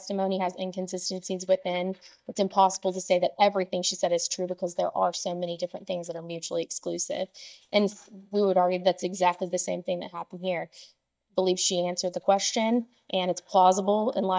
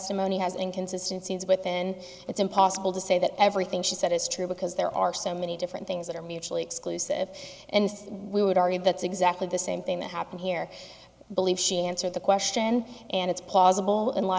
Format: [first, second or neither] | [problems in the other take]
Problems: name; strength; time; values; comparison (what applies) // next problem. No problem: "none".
second | noise reduction (neural mask model DeepFilterNet 3)